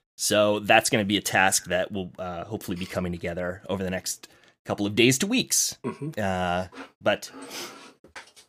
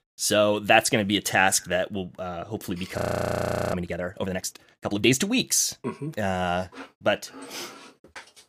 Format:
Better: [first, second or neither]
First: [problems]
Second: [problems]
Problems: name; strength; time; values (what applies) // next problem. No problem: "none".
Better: first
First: none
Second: audio freezing; at 3 s for 1 s